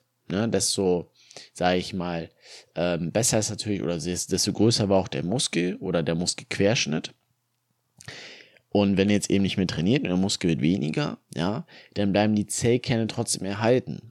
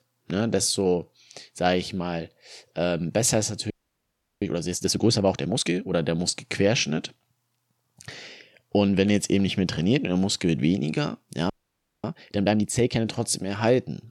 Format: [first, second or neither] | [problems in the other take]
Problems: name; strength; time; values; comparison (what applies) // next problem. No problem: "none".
first | audio freezing; at 3.5 s for 0.5 s and at 12 s for 0.5 s